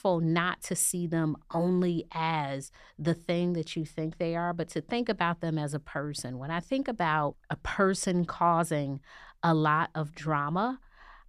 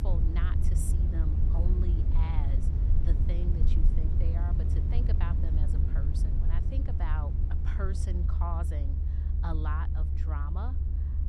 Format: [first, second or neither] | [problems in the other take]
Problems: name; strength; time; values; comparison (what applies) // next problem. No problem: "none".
first | low rumble; loud; throughout; 2 dB below the speech